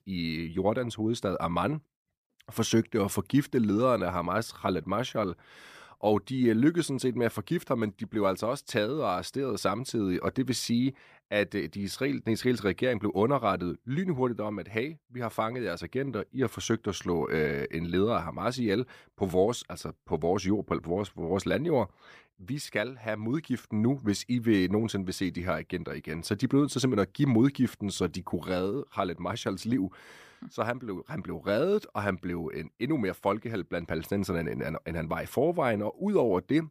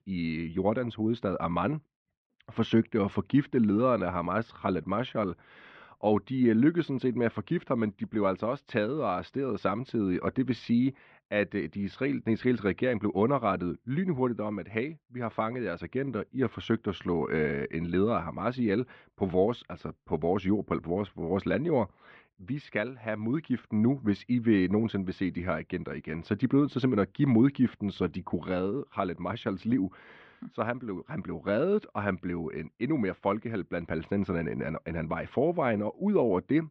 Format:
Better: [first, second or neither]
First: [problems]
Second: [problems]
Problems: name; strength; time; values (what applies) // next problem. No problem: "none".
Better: first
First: none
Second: muffled; very; fading above 3 kHz